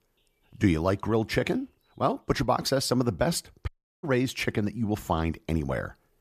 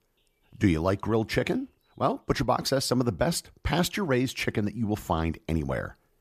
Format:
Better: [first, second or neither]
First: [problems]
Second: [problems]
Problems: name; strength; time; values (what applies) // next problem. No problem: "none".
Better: second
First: audio cutting out; at 3.5 s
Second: none